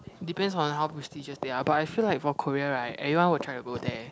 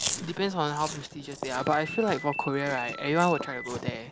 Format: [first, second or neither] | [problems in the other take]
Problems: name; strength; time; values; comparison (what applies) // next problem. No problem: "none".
first | background sound (Ringtone + Chewing, mastication); 9 dB below the speech